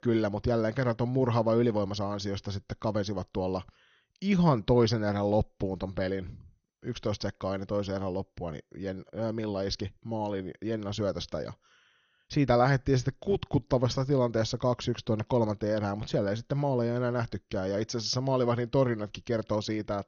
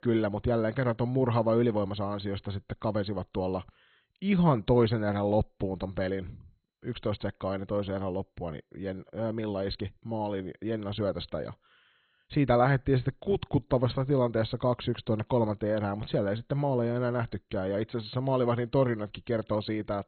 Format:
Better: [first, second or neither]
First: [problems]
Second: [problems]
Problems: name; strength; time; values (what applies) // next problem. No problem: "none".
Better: first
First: garbled, watery; slightly; nothing above 6.5 kHz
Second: garbled, watery; badly; nothing above 4 kHz